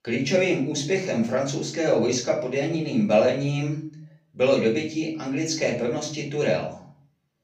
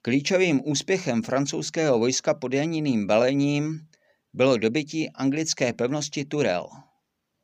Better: second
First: off-mic speech; far // room echo; slight; dies away in 0.4 s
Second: none

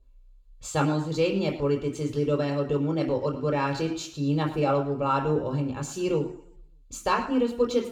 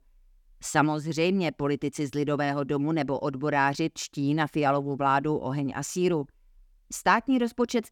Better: second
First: room echo; slight; dies away in 0.6 s // off-mic speech; somewhat distant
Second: none

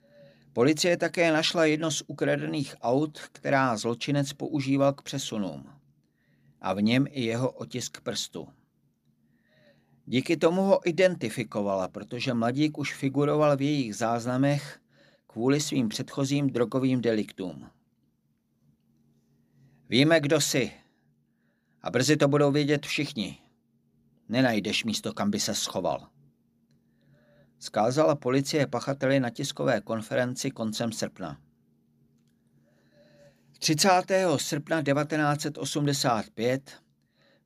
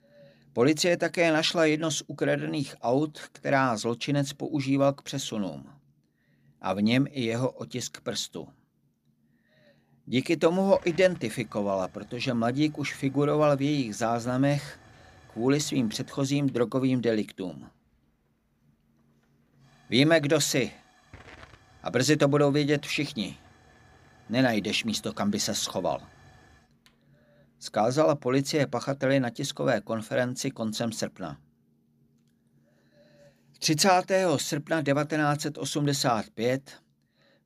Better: first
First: none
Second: hiss; faint; from 11 to 28 s; 30 dB below the speech

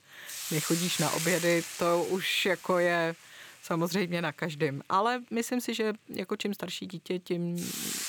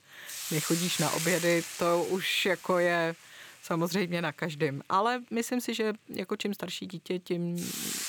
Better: neither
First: hiss; loud; throughout; 5 dB below the speech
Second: hiss; loud; throughout; 5 dB below the speech

